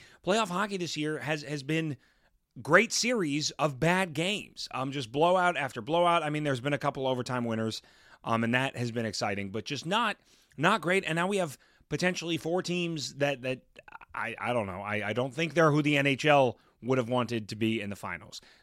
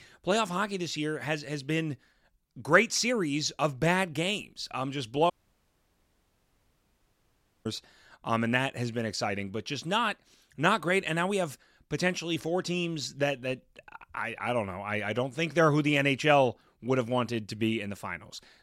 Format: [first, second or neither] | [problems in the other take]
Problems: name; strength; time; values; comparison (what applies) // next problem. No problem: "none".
first | audio cutting out; at 5.5 s for 2.5 s